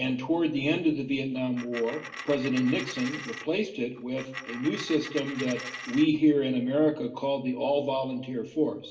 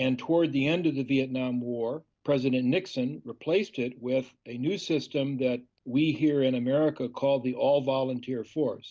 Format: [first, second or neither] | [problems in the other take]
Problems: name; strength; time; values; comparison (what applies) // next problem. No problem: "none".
second | background sound (Coin (dropping)); 12 dB below the speech // room echo; dies away in 0.6 s